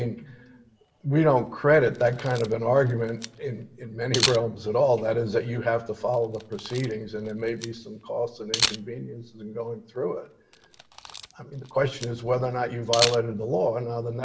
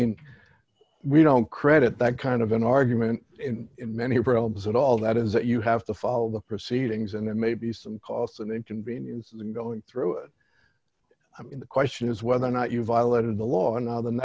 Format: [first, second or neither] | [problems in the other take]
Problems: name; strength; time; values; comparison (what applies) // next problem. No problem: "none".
second | background sound (Camera); 10 dB below the speech // room echo; dies away in 0.7 s